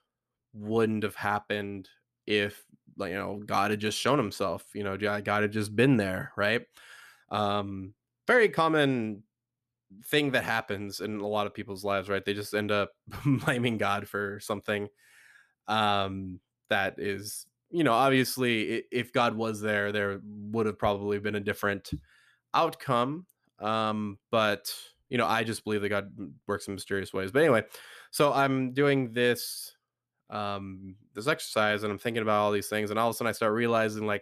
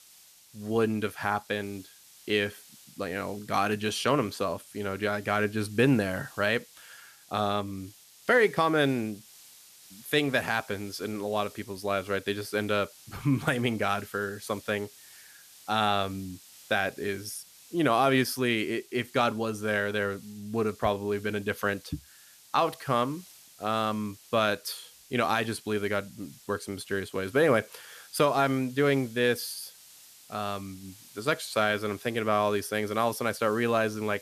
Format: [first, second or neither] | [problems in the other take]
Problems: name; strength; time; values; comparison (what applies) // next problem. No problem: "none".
first | hiss; faint; throughout; 20 dB below the speech